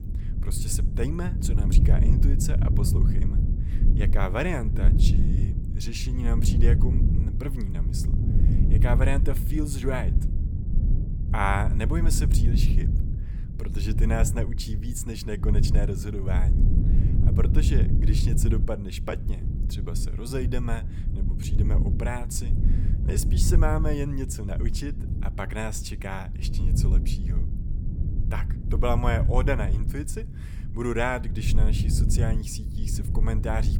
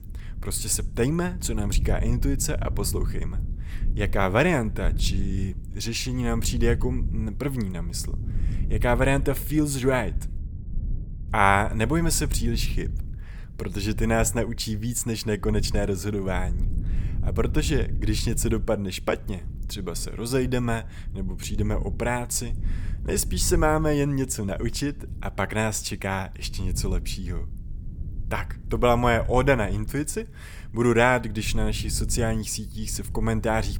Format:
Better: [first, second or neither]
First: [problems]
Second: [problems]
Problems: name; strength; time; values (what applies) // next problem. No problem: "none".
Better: second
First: low rumble; loud; throughout; 7 dB below the speech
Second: low rumble; faint; throughout; 20 dB below the speech